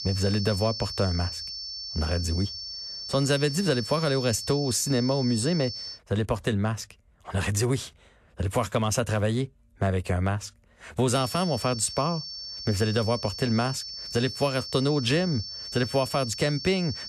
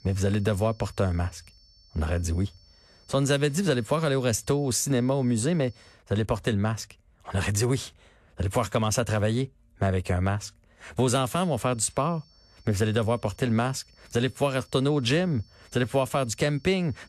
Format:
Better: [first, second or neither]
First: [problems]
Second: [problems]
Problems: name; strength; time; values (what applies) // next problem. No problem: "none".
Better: second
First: high-pitched whine; loud; until 6 s and from 11 s on; 5.5 kHz, 7 dB below the speech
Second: high-pitched whine; faint; until 6 s and from 11 s on; 5.5 kHz, 30 dB below the speech